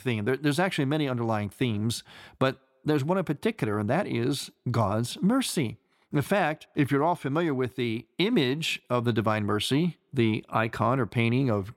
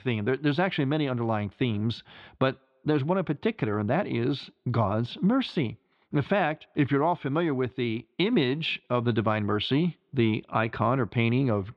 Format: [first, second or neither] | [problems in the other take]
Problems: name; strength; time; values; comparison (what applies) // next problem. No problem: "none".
first | muffled; slightly; fading above 3.5 kHz